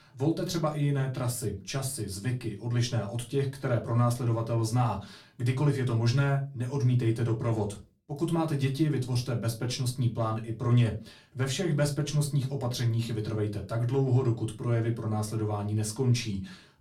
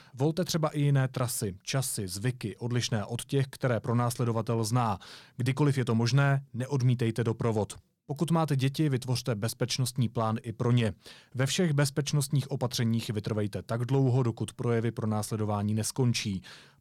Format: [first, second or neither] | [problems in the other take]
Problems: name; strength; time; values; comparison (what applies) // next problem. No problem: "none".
second | off-mic speech; far // room echo; very slight; dies away in 0.2 s